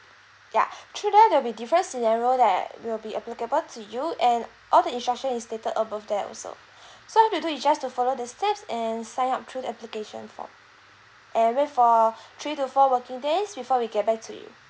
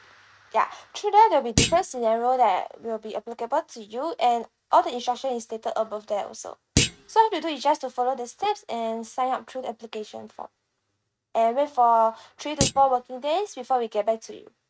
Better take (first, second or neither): first